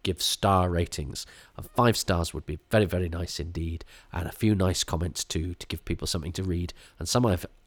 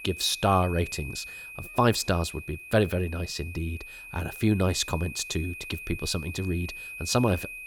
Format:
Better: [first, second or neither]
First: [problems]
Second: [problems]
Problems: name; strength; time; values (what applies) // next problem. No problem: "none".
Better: first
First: none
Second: high-pitched whine; noticeable; throughout; 2.5 kHz, 10 dB below the speech